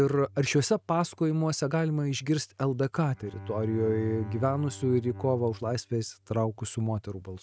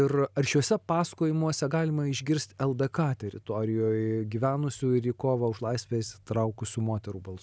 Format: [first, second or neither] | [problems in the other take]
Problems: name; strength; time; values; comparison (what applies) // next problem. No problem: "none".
second | noise reduction (neural mask model RNNoise)